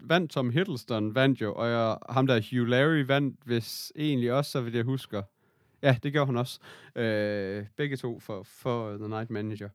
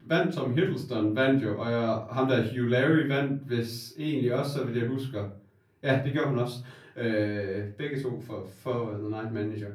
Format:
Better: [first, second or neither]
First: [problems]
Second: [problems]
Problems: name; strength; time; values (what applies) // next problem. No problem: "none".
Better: first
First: none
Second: off-mic speech; far // room echo; slight; dies away in 0.3 s